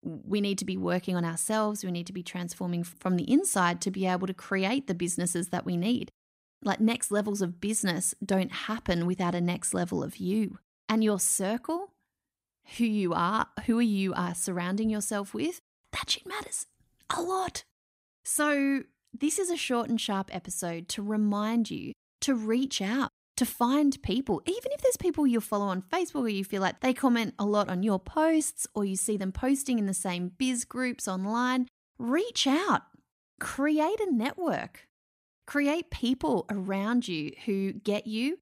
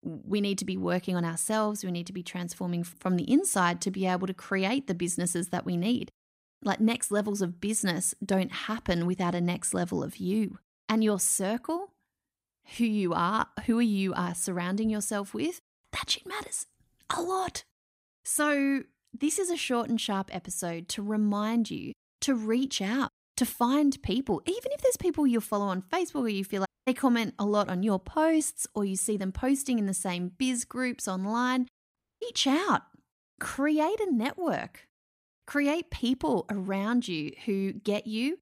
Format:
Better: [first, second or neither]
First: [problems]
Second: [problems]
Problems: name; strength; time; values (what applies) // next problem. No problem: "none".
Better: first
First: none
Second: audio cutting out; at 27 s and at 32 s